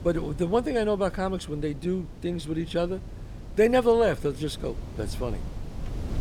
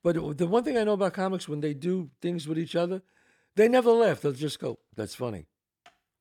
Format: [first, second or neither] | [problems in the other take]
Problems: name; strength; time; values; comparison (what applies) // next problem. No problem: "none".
second | wind noise on the microphone; occasional gusts; 20 dB below the speech